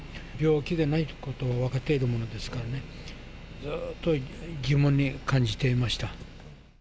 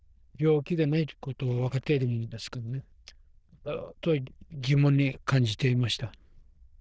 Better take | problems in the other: first | noise reduction (neural diffusion model UNIVERSE++)

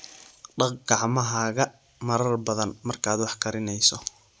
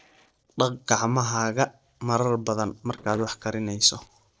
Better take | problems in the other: first | noise reduction (neural separator model SepFormer DNS4)

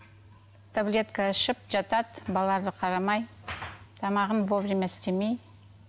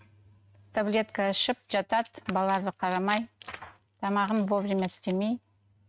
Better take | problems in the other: first | noise reduction (neural mask model RNNoise)

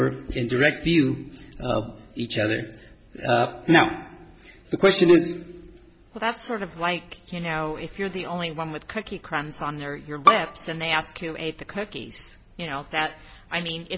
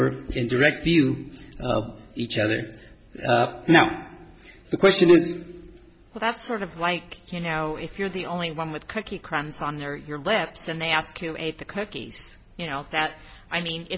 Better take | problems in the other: second | background sound (Bowed string instrument); as loud as the speech

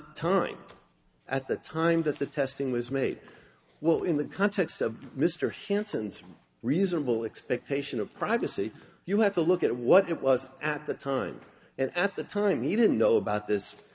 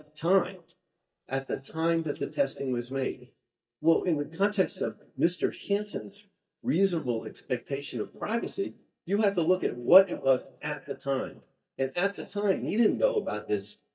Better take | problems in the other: first | noise reduction (neural mask model DeepFilterNet 3)

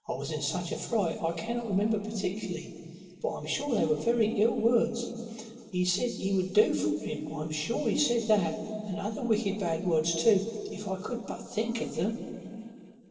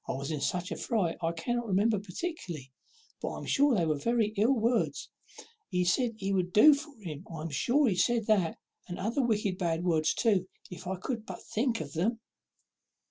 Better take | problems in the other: second | room echo; dies away in 2.7 s

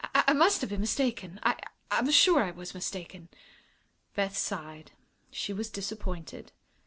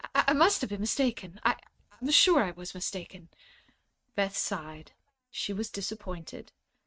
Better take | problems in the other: first | noise reduction (neural mask model RNNoise)

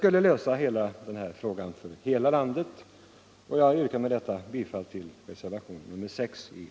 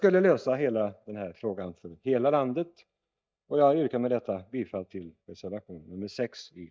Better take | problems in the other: first | noise reduction (neural mask model DeepFilterNet 3)

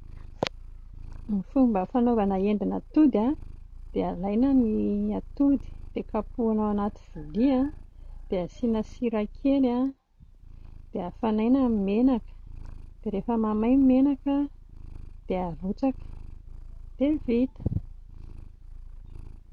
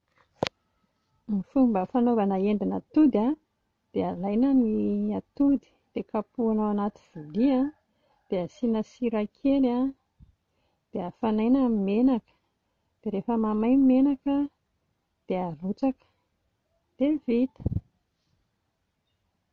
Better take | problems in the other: second | background sound (Purr); 15 dB below the speech

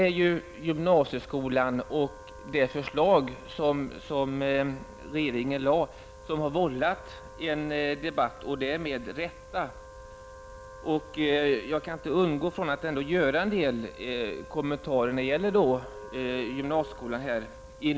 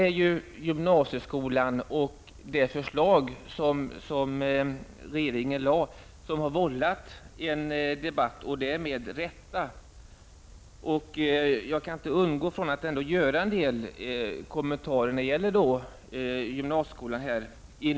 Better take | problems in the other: second | background sound (Wind instrument, woodwind instrument + Alarm); 19 dB below the speech

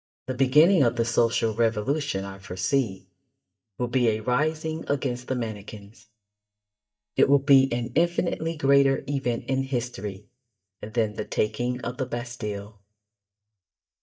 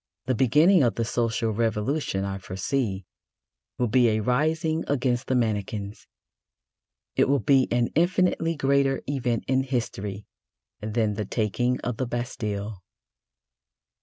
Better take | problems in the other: second | noise reduction (neural mask model DeepFilterNet 3)

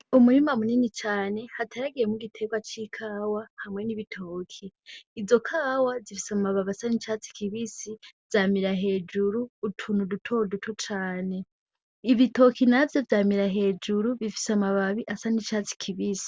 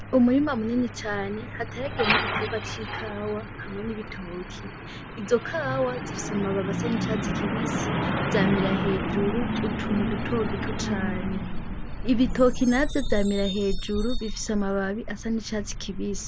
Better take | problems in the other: first | background sound (Truck); 1 dB below the speech

